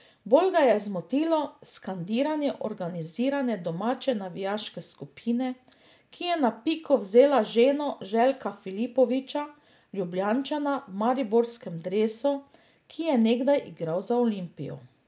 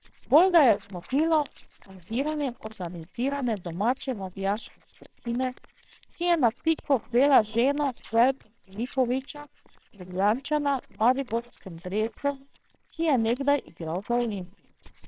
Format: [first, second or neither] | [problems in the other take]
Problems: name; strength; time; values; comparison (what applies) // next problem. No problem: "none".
first | noise reduction (neural separator model SepFormer WHAMR!)